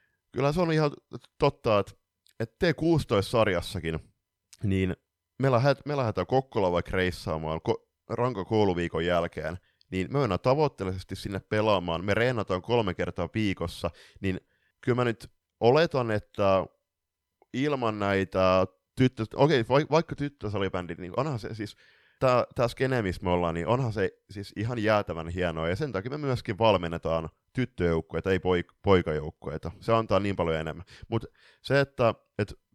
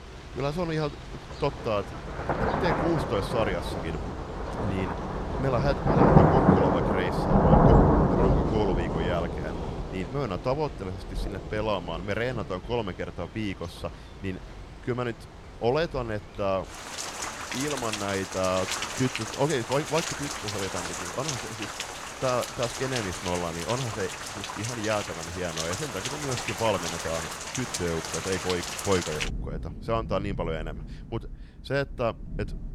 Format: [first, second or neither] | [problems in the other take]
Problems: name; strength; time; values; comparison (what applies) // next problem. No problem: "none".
first | rain or running water; very loud; throughout; 3 dB above the speech